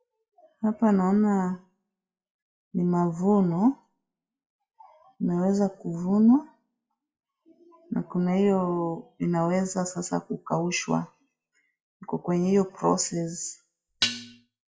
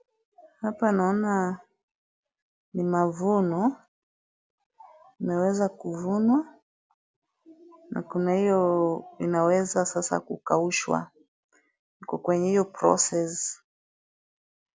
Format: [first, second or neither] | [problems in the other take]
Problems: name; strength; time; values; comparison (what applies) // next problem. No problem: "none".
second | noise reduction (classical method WPE with log-MMSE)